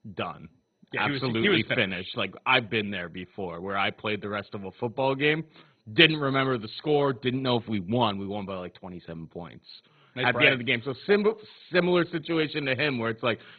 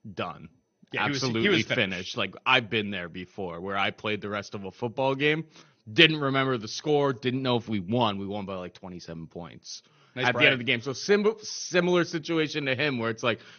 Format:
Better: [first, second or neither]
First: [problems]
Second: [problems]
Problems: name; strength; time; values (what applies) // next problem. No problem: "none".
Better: second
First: garbled, watery; badly; nothing above 4 kHz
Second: garbled, watery; slightly; nothing above 6.5 kHz